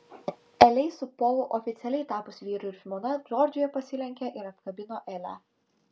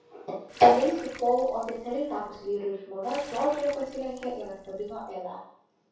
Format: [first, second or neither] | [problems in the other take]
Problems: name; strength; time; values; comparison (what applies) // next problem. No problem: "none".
first | background sound (Water tap, faucet); 20 dB below the speech // room echo; dies away in 0.6 s